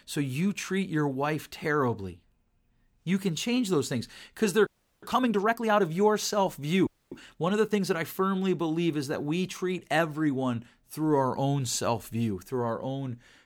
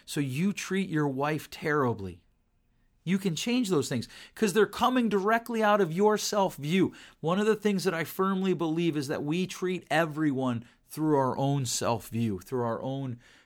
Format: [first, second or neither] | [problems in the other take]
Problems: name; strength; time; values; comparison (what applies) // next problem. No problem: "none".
second | audio freezing; at 4.5 s and at 7 s